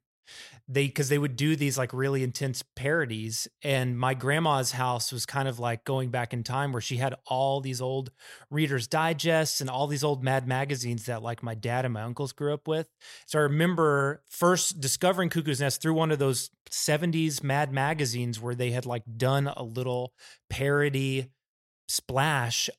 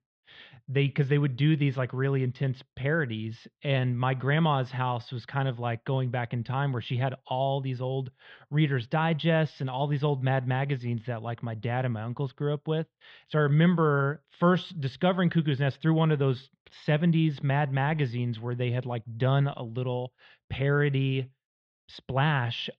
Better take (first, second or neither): first